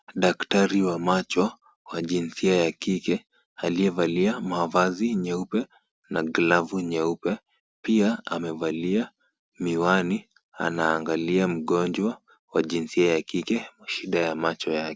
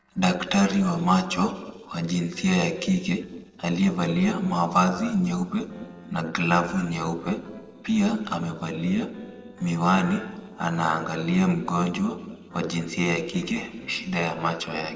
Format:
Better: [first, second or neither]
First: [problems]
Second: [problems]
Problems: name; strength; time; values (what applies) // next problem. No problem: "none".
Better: first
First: none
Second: noise reduction (neural separator model SepFormer DNS4)